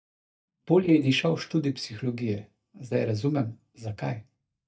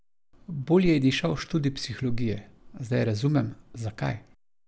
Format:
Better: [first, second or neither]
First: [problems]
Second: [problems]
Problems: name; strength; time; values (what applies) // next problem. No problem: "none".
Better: second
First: noise reduction (neural mask model DeepFilterNet 3)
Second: none